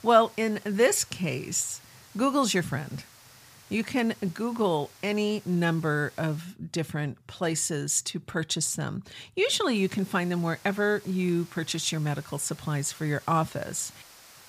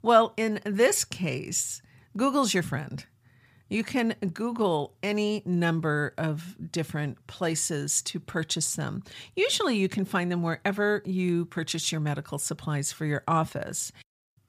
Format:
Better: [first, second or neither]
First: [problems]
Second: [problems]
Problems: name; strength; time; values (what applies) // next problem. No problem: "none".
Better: second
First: hiss; faint; until 6.5 s and from 9.5 s on; 20 dB below the speech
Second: none